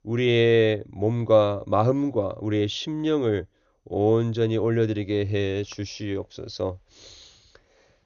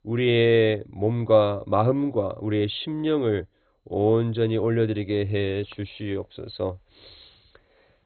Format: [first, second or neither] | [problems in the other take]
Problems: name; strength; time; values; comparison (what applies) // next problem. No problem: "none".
first | garbled, watery; badly; nothing above 4 kHz; slightly in the first